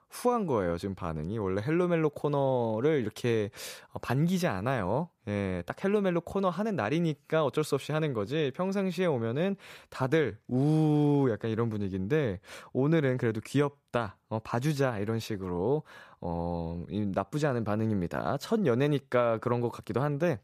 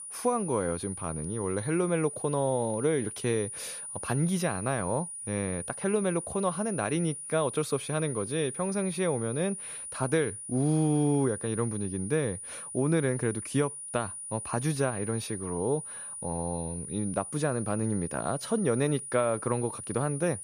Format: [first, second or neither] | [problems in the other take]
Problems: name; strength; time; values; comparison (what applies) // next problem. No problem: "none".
first | high-pitched whine; loud; throughout; 9.5 kHz, 7 dB below the speech